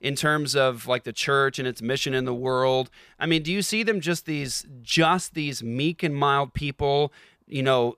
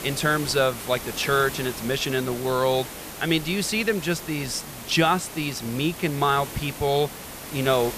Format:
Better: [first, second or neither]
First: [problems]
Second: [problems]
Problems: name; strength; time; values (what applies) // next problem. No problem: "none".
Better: first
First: none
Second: hiss; noticeable; throughout; 10 dB below the speech